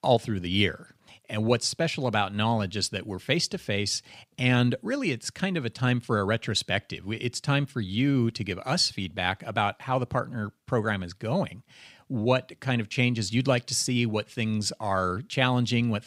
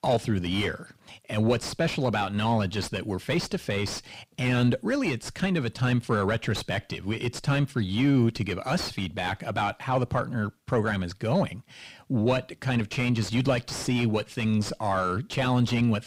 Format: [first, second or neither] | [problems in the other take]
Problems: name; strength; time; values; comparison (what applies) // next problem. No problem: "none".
first | distortion; heavy; 7 dB below the speech